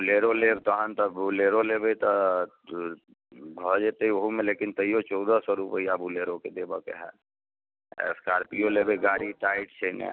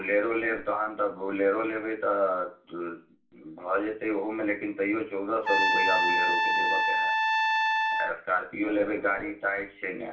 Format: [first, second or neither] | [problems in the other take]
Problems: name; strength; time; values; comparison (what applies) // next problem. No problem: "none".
first | background sound (Trumpet); 4 dB above the speech // room echo; dies away in 0.3 s